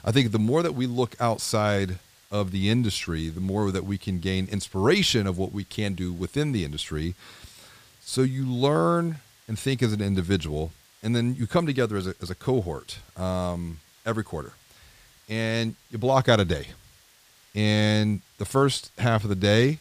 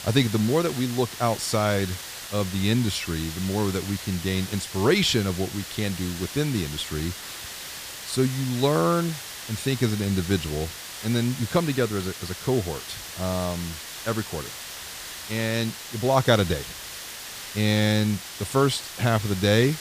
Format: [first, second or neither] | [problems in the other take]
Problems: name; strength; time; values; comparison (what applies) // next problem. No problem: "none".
first | hiss; loud; throughout; 10 dB below the speech; faint in the first